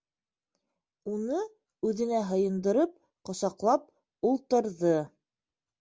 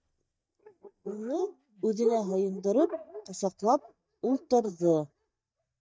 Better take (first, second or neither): first